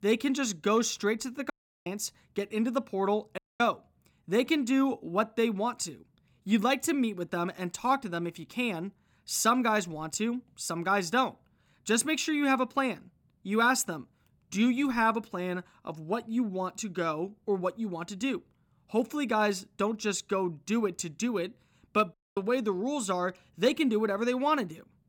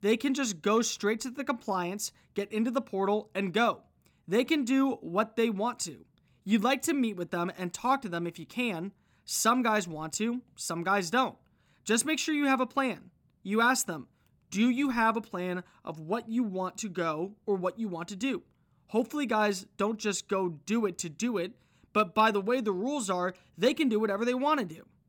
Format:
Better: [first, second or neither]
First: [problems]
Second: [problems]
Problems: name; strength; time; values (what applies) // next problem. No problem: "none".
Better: second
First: audio cutting out; at 1.5 s, at 3.5 s and at 22 s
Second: none